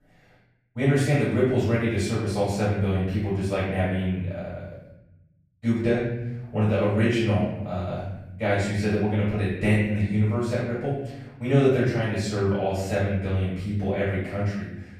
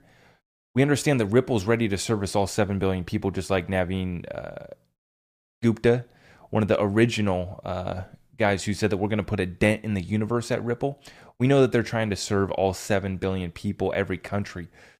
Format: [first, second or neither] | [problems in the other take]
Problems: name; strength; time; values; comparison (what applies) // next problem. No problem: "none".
second | room echo; noticeable; dies away in 1.1 s // off-mic speech; far